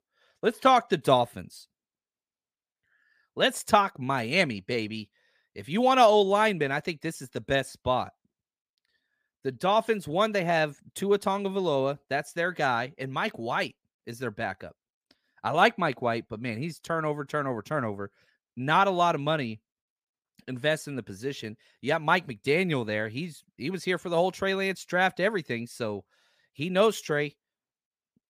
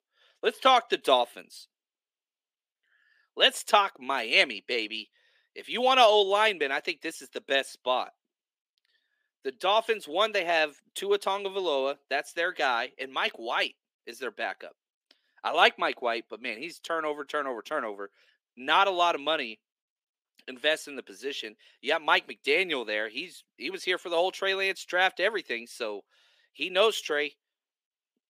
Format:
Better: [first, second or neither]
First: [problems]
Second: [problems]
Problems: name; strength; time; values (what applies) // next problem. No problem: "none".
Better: first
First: none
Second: thin; somewhat; fading below 300 Hz